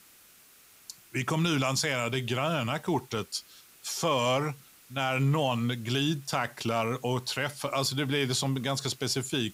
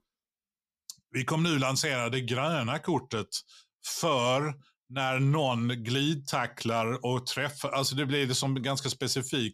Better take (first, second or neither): second